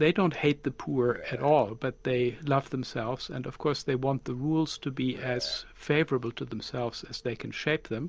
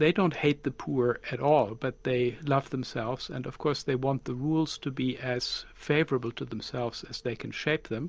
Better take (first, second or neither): second